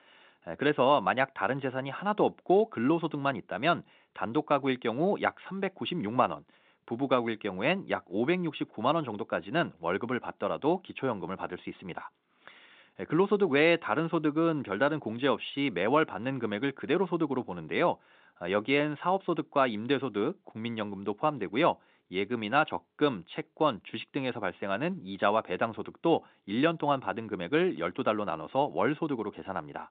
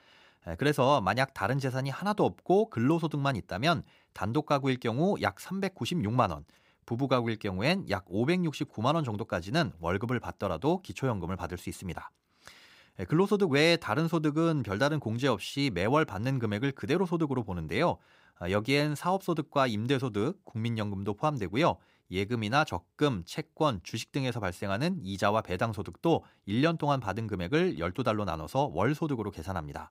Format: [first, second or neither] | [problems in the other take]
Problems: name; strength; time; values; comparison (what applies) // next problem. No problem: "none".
second | phone-call audio; nothing above 4 kHz